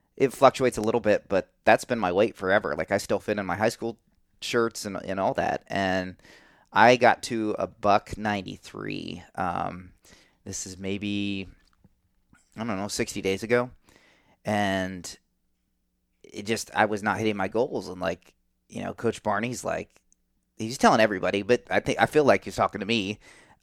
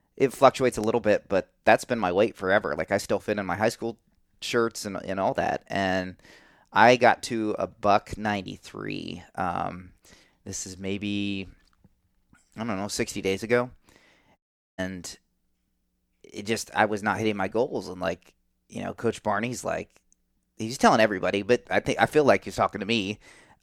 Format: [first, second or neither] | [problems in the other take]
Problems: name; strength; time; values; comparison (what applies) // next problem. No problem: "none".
first | audio cutting out; at 14 s